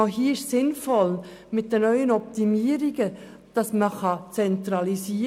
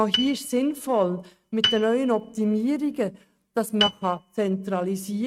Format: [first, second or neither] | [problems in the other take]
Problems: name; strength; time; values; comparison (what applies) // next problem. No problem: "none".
first | noise reduction (neural mask model RNNoise)